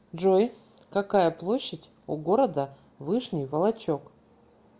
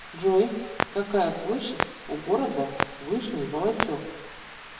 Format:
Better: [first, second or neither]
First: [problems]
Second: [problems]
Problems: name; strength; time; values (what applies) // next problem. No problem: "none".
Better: first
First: none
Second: background sound (Clock); 7 dB below the speech // room echo; dies away in 1 s